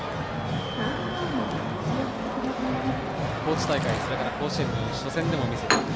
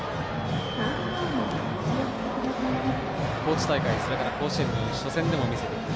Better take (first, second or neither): second